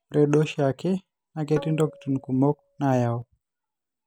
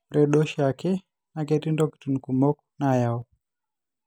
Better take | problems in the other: second | background sound (Tabla); 17 dB below the speech

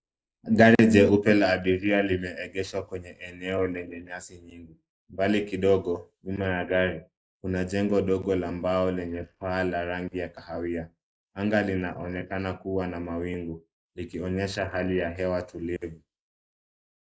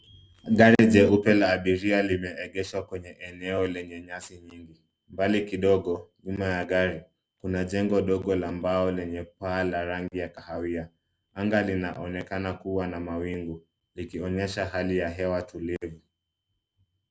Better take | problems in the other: second | noise reduction (neural mask model Resemble Enhance denoiser)

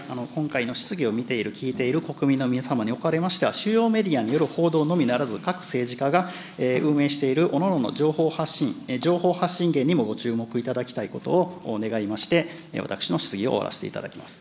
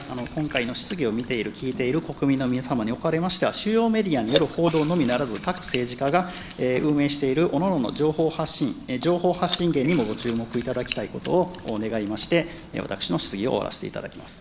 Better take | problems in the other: first | noise reduction (neural mask model Resemble Enhance denoiser)

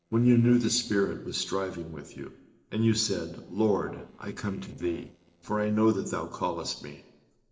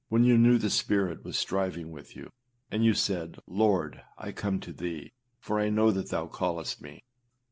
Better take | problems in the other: second | noise reduction (neural separator model SepFormer DNS4)

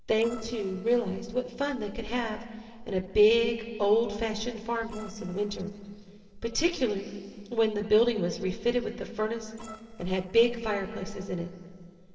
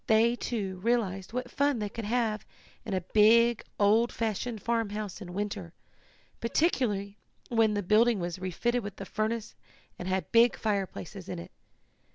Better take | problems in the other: second | noise reduction (neural separator model SepFormer DNS4)

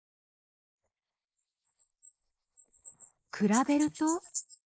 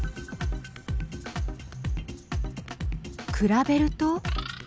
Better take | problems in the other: second | noise reduction (neural mask model Resemble Enhance denoiser)

